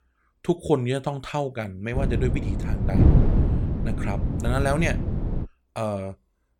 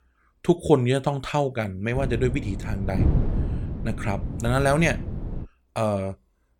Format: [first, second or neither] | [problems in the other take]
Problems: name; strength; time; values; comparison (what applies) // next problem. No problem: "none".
second | wind noise on the microphone; heavy; from 2 to 5.5 s; 5 dB below the speech; occasional gusts in the second